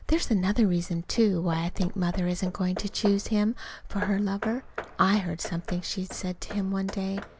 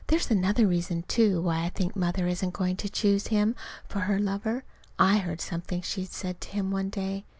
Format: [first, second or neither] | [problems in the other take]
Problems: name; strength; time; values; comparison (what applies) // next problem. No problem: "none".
second | background sound (Hammer / Wood); 16 dB below the speech